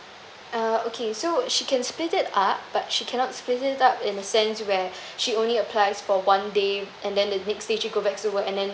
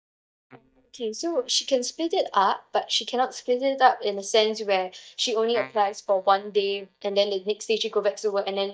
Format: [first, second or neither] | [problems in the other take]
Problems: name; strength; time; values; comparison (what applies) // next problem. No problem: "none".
first | noise reduction (neural mask model DeepFilterNet 3)